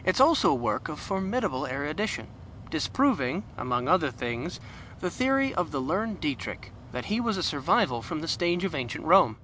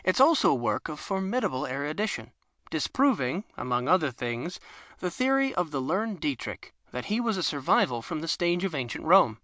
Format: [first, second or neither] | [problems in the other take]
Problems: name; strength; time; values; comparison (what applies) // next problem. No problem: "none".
second | background sound (Mechanical fan); 16 dB below the speech